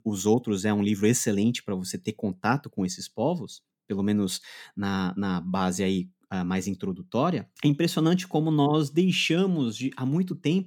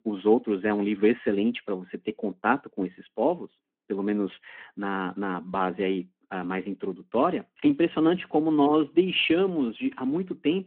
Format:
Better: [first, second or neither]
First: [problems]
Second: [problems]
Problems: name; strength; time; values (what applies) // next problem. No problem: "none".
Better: first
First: none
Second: phone-call audio